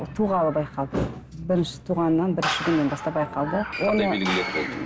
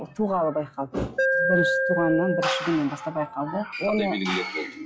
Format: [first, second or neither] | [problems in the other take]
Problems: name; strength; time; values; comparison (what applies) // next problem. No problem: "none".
first | noise reduction (classical method log-MMSE)